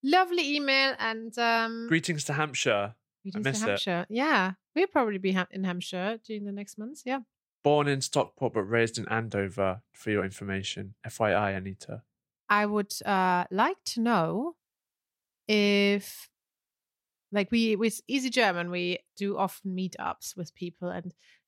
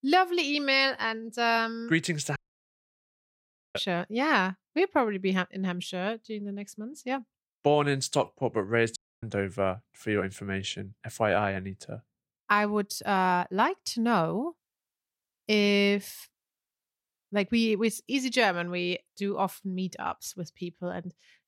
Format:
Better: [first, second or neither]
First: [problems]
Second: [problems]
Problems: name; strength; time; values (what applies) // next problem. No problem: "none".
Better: first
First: none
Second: audio cutting out; at 2.5 s for 1.5 s and at 9 s